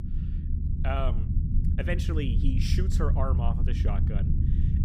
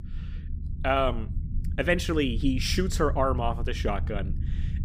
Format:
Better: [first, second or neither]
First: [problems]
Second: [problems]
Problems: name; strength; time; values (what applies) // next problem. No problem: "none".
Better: second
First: low rumble; loud; throughout; 6 dB below the speech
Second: low rumble; faint; throughout; 20 dB below the speech